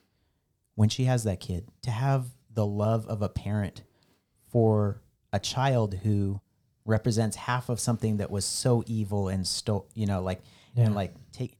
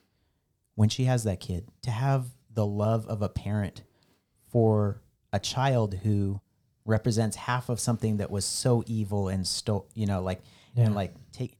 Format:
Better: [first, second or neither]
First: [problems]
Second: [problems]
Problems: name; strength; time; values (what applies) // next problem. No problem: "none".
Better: neither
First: none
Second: none